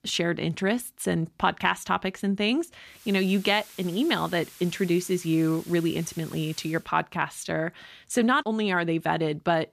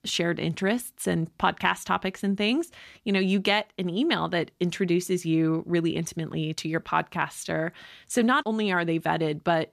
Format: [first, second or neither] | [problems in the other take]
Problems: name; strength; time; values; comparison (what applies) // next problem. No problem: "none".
second | hiss; noticeable; from 3 to 7 s; 20 dB below the speech